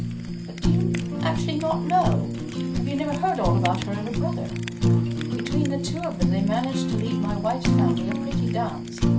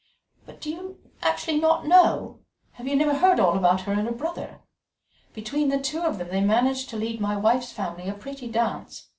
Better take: second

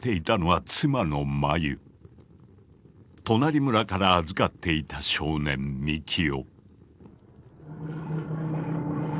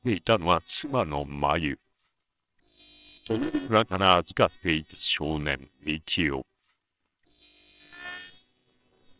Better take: first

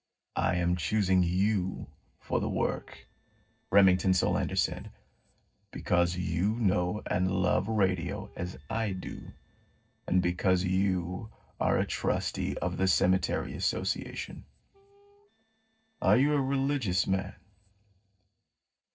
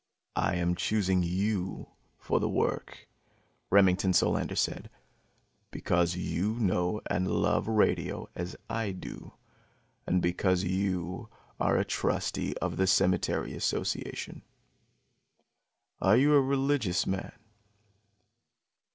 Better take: second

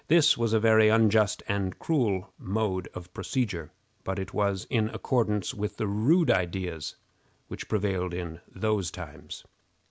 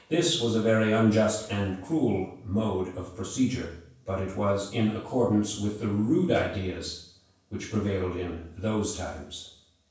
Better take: first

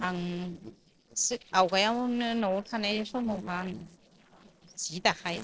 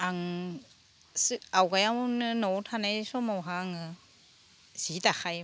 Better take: second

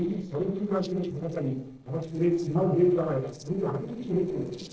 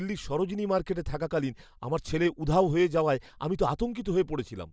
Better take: second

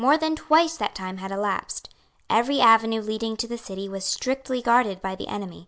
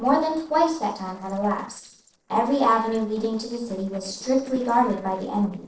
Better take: first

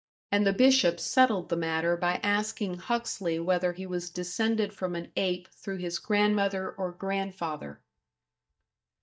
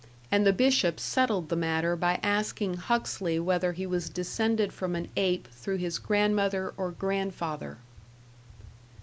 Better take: second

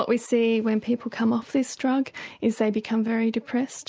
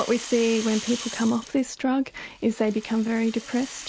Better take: first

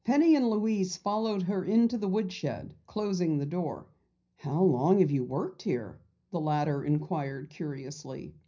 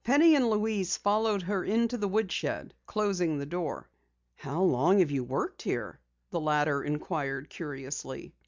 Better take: second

